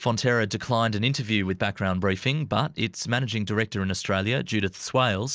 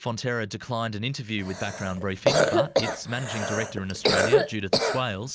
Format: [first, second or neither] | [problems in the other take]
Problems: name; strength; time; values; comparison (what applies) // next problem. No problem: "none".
first | background sound (Cough); 4 dB above the speech